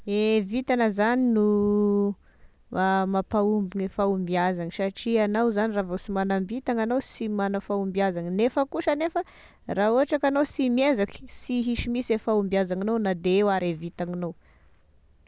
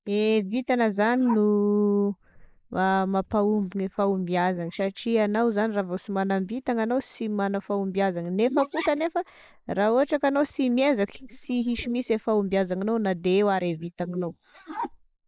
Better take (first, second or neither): first